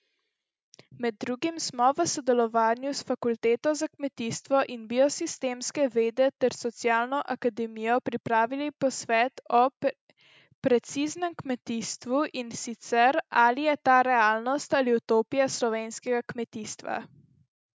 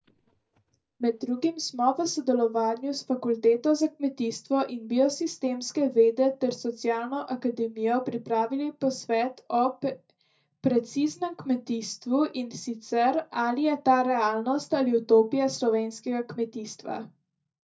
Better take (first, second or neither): first